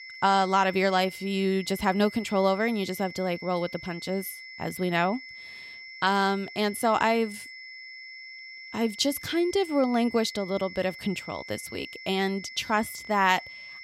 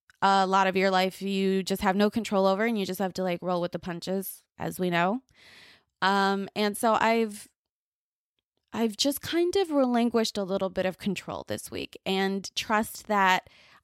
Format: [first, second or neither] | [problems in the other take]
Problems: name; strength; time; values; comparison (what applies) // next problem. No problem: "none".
second | high-pitched whine; noticeable; throughout; 2 kHz, 15 dB below the speech